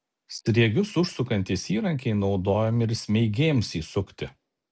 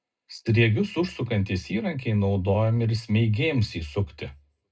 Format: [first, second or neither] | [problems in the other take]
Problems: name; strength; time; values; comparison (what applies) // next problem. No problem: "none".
first | room echo; dies away in 0.2 s